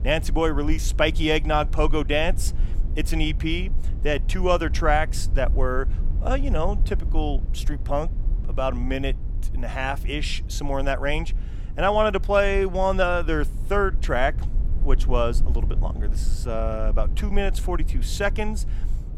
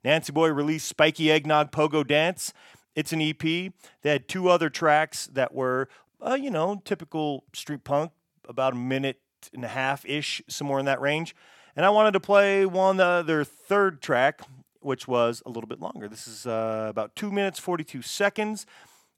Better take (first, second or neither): second